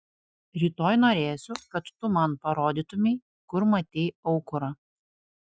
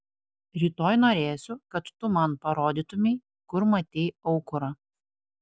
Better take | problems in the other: second | noise reduction (classical method Wiener filter)

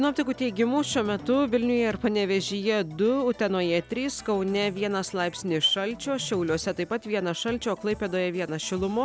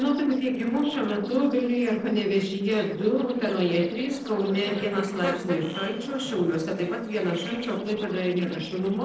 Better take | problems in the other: first | noise reduction (neural separator model SepFormer DNS4)

